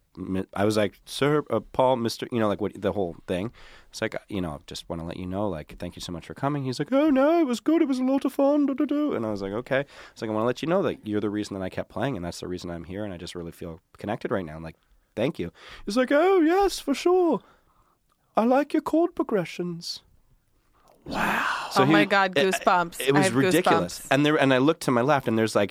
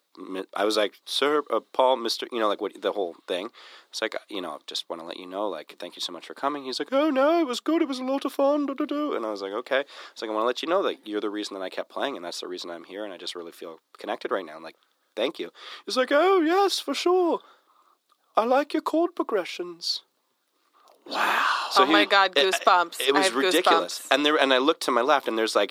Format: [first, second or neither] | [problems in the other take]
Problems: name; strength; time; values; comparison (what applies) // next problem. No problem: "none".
first | thin; somewhat; fading below 300 Hz